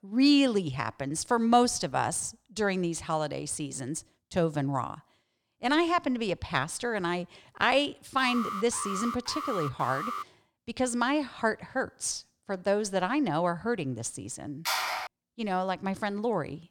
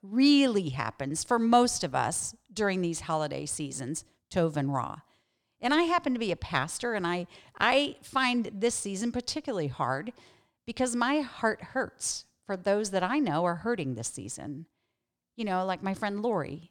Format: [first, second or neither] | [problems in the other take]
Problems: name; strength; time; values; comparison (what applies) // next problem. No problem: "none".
second | alarm; noticeable; from 8 to 10 s; peak 5 dB below the speech // phone ringing; loud; at 15 s; peak level with the speech